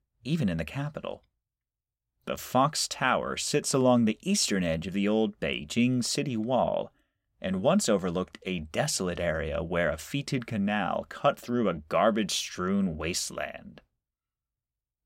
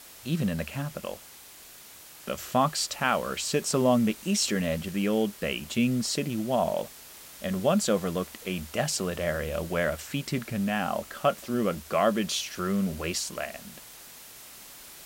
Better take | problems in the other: first | hiss; noticeable; throughout; 15 dB below the speech

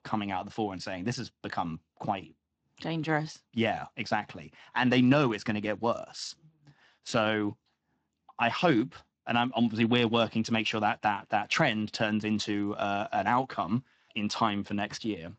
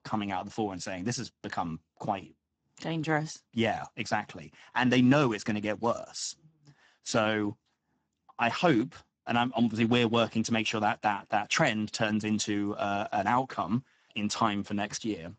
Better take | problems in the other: first | garbled, watery; badly; nothing above 8 kHz; slightly in the first

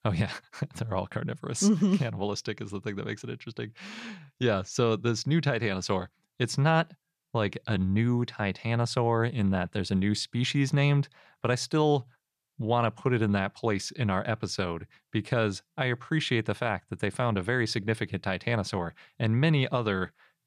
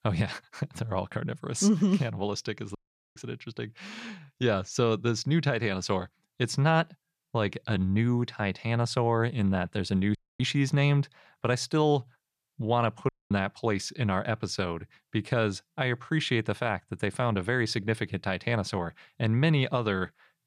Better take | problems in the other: first | audio cutting out; at 3 s, at 10 s and at 13 s

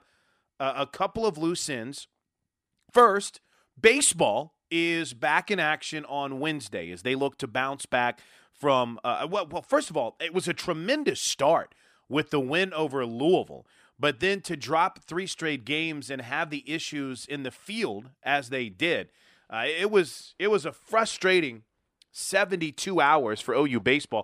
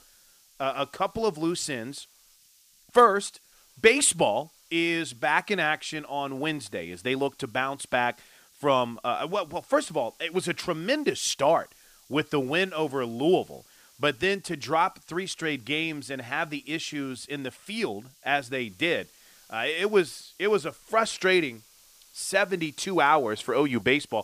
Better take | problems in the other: first | hiss; faint; throughout; 30 dB below the speech

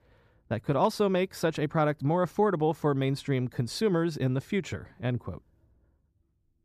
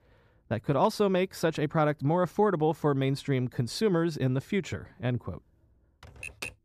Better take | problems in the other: first | keyboard typing; faint; at 6 s; peak 10 dB below the speech

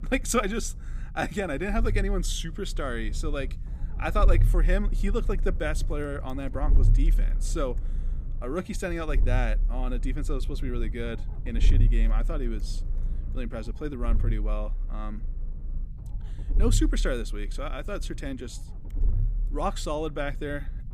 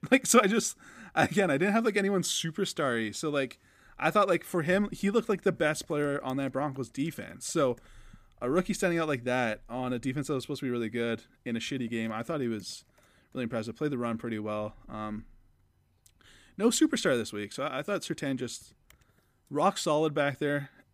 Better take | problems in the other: second | low rumble; noticeable; throughout; 15 dB below the speech

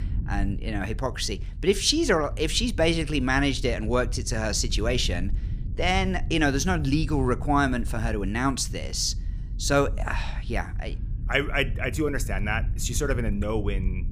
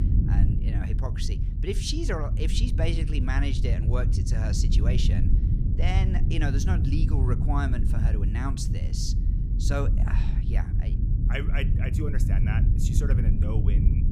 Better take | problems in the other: first | low rumble; loud; throughout; 4 dB below the speech; faint in the first

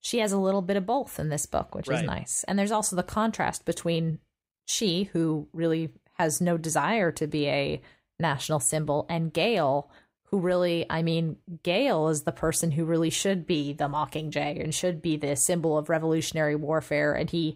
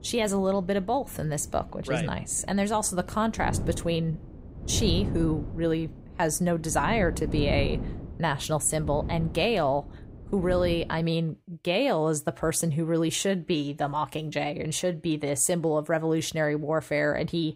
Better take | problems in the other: first | wind noise on the microphone; occasional gusts; until 11 s; 15 dB below the speech

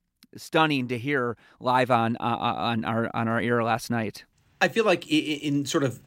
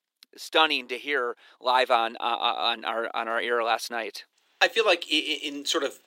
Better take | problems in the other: first | thin; very; fading below 400 Hz

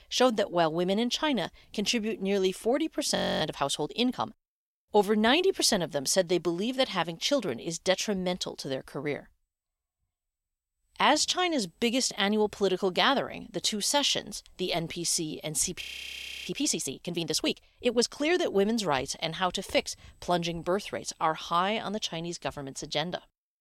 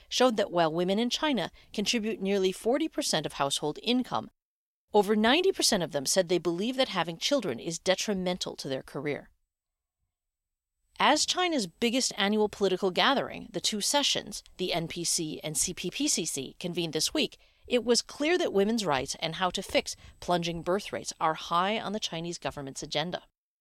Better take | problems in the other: second | audio freezing; at 3 s and at 16 s for 0.5 s

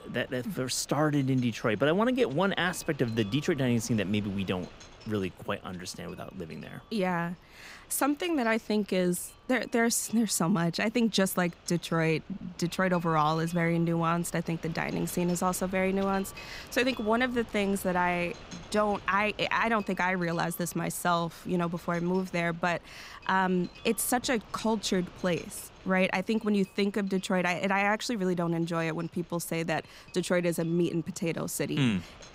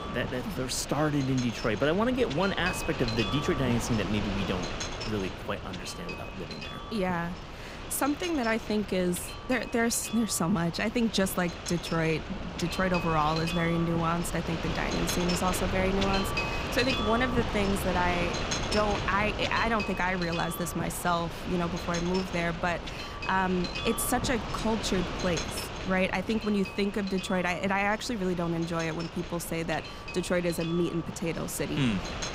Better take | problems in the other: first | wind noise on the microphone; heavy; 5 dB below the speech; occasional gusts in the first

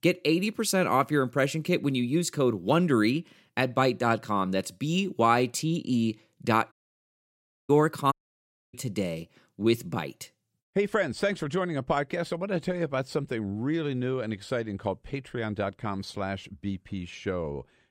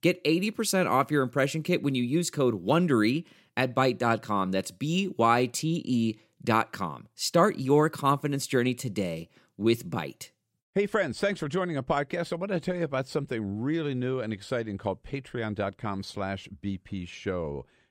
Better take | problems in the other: second | audio cutting out; at 6.5 s for 1 s and at 8 s for 0.5 s

